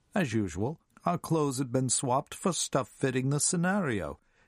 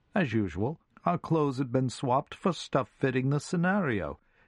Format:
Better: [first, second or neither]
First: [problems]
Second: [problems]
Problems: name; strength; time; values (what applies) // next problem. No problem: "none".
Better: first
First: none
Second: muffled; slightly; fading above 2.5 kHz